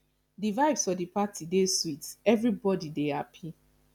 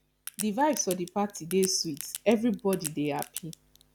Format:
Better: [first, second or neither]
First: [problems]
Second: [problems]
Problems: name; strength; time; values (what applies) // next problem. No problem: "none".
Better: first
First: none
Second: background sound (Crack); 13 dB below the speech